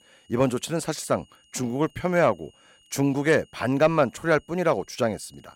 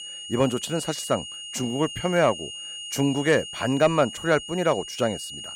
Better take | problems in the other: first | high-pitched whine; loud; throughout; 3 kHz, 10 dB below the speech; faint in the first

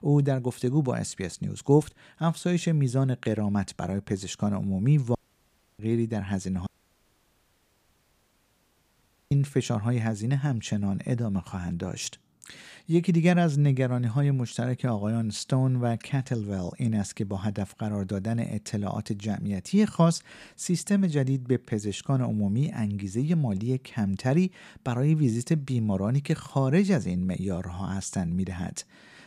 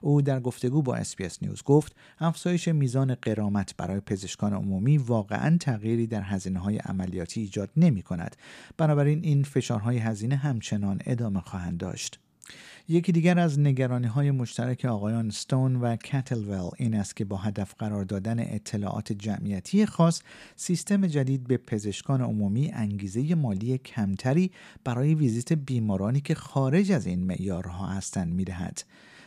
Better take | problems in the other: second | audio cutting out; at 5 s for 0.5 s and at 6.5 s for 2.5 s

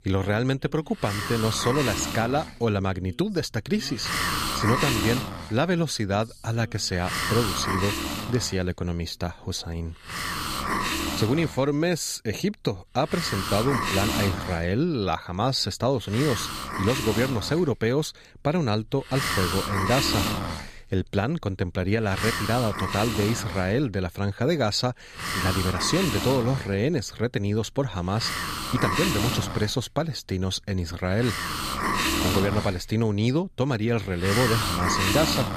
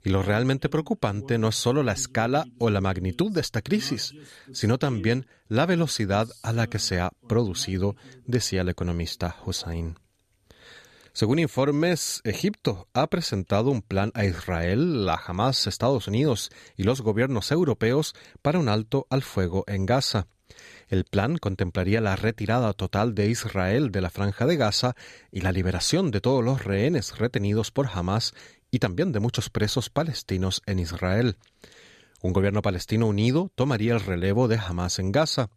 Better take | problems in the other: second | hiss; loud; throughout; 2 dB below the speech

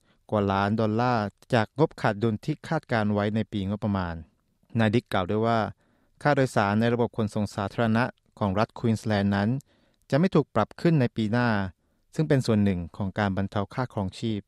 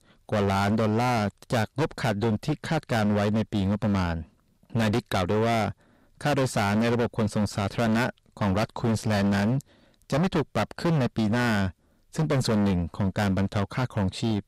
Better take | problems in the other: first | distortion; heavy; 22% of the sound clipped

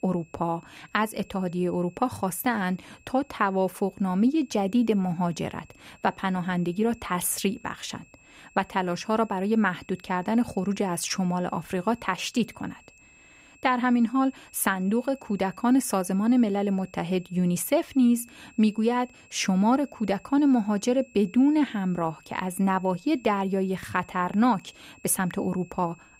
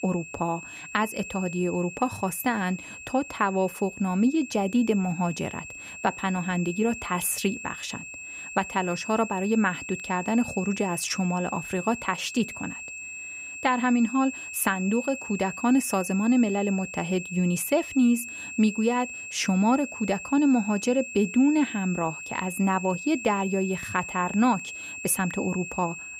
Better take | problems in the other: first | high-pitched whine; loud; throughout; 2.5 kHz, 10 dB below the speech; faint in the first

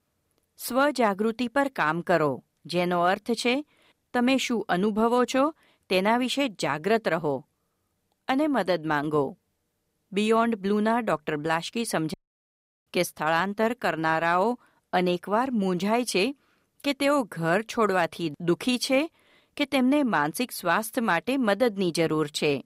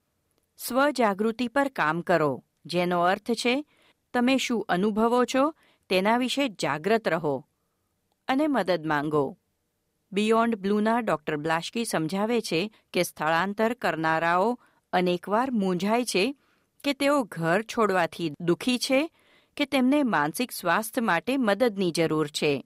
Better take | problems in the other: second | audio cutting out; at 12 s for 0.5 s

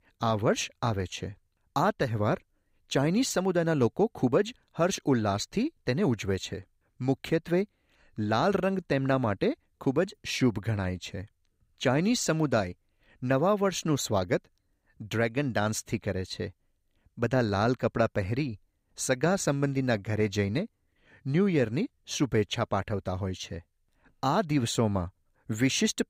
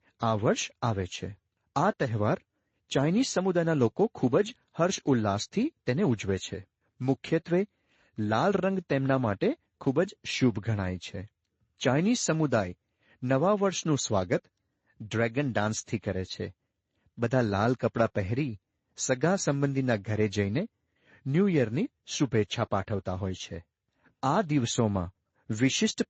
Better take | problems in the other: first | garbled, watery; slightly; nothing above 7.5 kHz

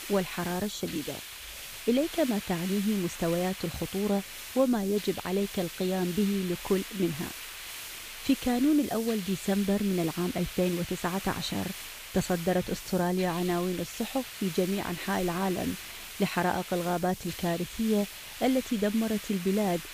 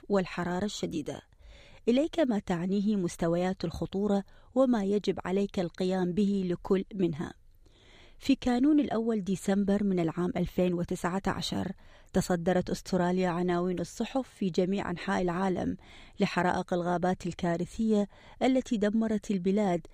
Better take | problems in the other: second | hiss; loud; throughout; 9 dB below the speech

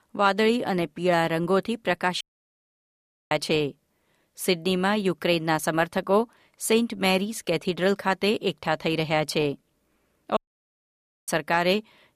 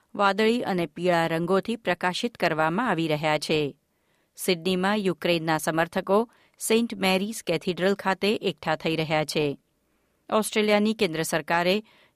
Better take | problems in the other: second | audio cutting out; at 2 s for 1 s and at 10 s for 1 s

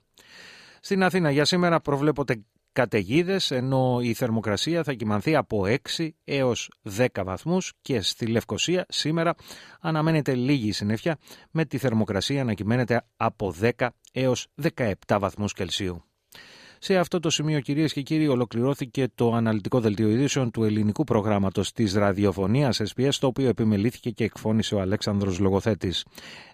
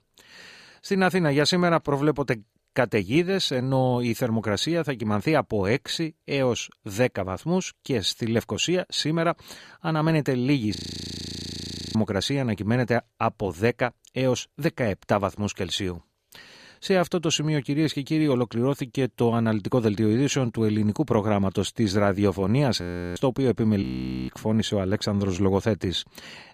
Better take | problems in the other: first | audio freezing; at 11 s for 1 s, at 23 s and at 24 s

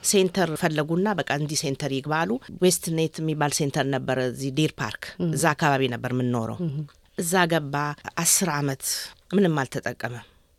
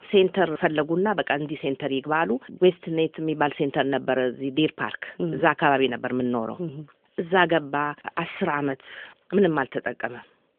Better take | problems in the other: first | phone-call audio; nothing above 3.5 kHz

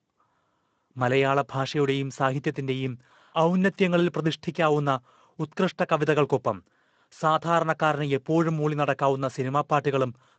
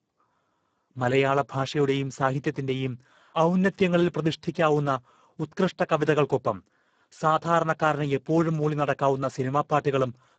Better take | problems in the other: first | garbled, watery; badly; nothing above 7.5 kHz; slightly in the first

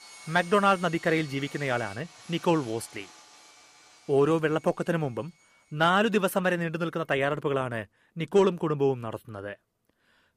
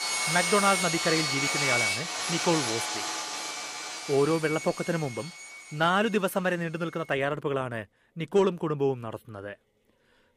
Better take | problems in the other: first | machinery noise; loud; throughout; 1 dB below the speech; faint in the first

